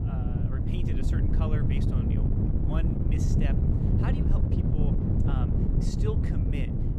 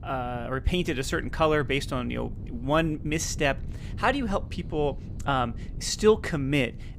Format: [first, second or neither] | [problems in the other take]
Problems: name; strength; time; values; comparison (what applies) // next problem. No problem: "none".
second | wind noise on the microphone; heavy; 5 dB above the speech; occasional gusts in the second